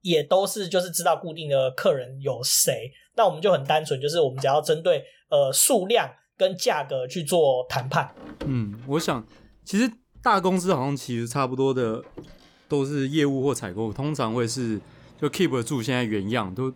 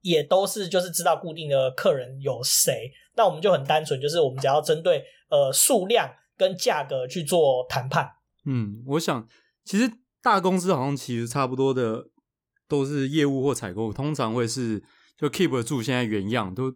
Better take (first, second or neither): second